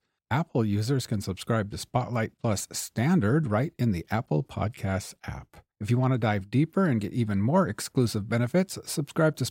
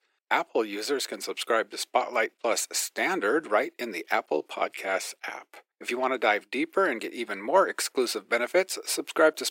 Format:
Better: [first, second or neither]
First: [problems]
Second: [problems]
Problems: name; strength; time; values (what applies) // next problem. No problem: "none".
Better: first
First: none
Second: thin; very; fading below 350 Hz